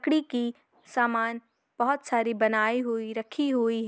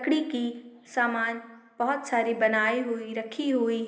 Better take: first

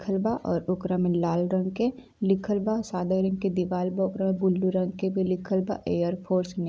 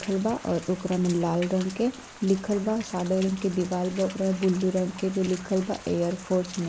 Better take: first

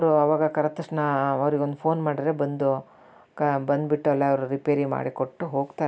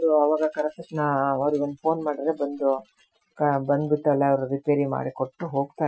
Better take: first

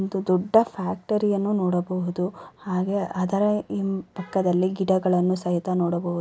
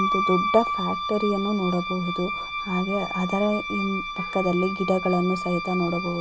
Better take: first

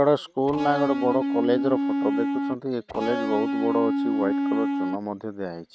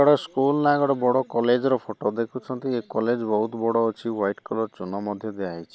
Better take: second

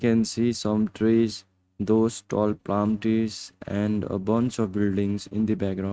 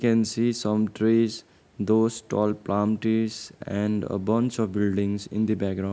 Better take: second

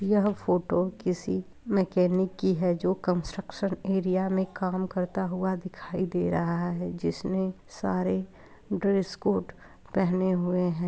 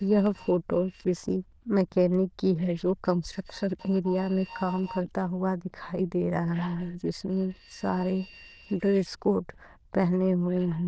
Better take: first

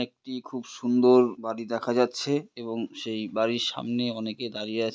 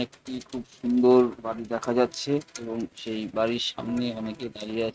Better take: first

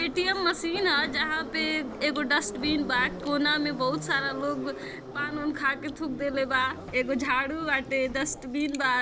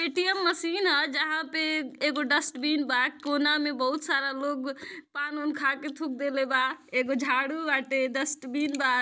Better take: second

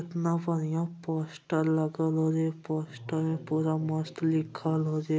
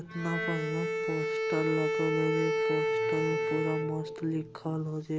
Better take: first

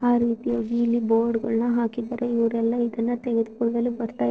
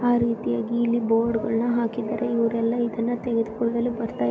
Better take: second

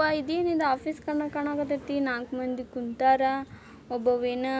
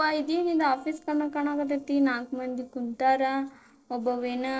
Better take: first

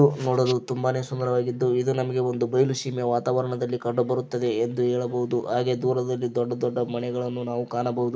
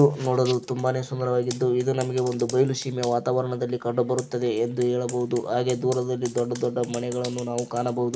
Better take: first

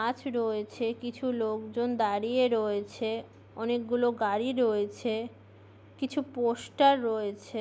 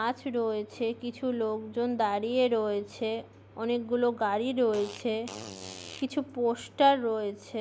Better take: first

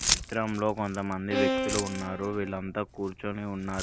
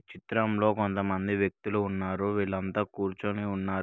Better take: second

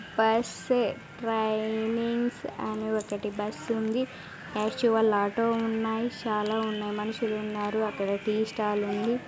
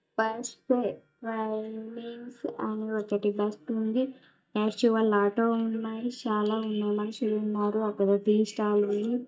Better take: first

